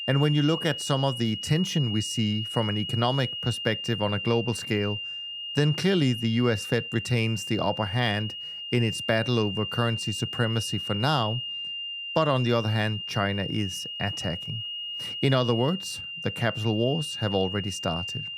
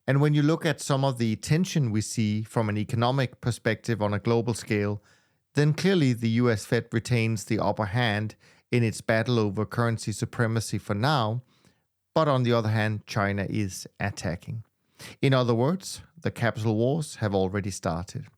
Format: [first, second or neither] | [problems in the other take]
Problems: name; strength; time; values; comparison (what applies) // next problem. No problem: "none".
second | high-pitched whine; loud; throughout; 3 kHz, 5 dB below the speech